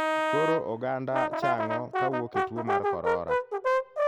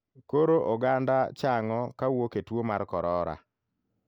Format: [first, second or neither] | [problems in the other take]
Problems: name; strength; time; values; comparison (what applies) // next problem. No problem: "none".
second | background sound (Brass instrument); 4 dB above the speech